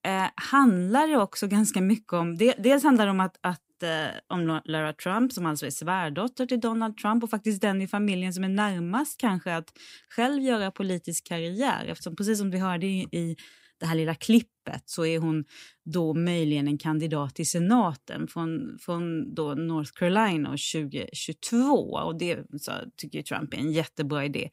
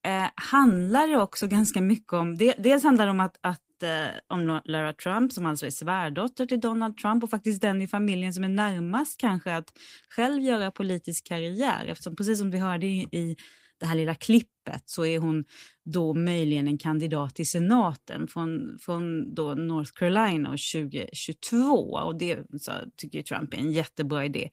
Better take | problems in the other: first | garbled, watery; slightly; nothing above 15.5 kHz

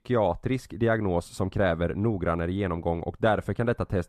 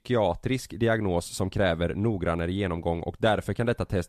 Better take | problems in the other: second | muffled; very slightly; fading above 2.5 kHz

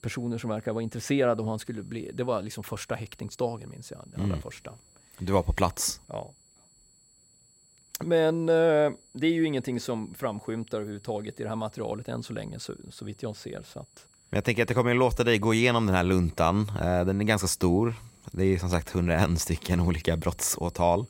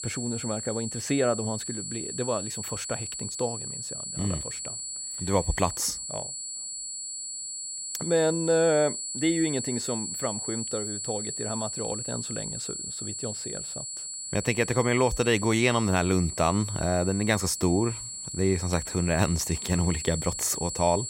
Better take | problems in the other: first | high-pitched whine; loud; throughout; 7.5 kHz, 5 dB below the speech; faint in the first

